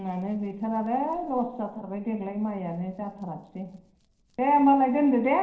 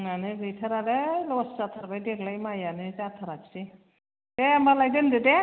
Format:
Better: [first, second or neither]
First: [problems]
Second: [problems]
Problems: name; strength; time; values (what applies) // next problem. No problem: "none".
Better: second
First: noise reduction (neural separator model SepFormer DNS4)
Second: none